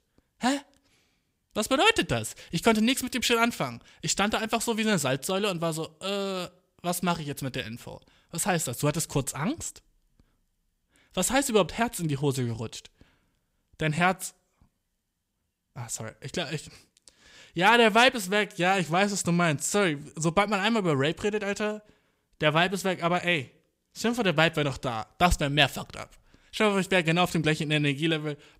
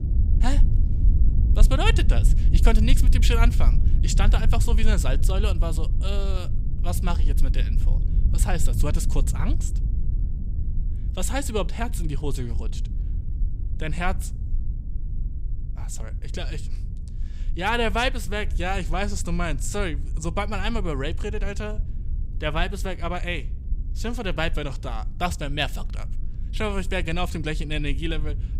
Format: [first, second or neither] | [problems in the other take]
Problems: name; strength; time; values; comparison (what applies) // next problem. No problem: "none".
first | low rumble; noticeable; throughout; 15 dB below the speech